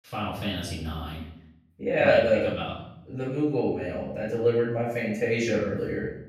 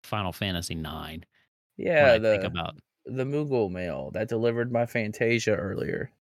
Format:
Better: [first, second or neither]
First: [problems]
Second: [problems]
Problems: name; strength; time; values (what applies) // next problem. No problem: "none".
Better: second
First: off-mic speech; far // room echo; noticeable; dies away in 0.7 s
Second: none